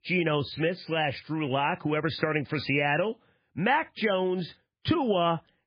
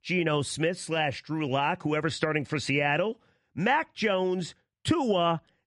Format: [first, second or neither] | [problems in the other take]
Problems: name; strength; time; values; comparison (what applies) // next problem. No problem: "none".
second | garbled, watery; badly; slightly in the second